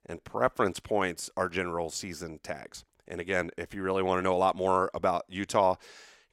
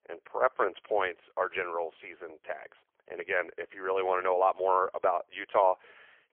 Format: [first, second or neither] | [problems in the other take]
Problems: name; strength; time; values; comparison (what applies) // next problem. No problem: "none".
first | phone-call audio; poor line; nothing above 3.5 kHz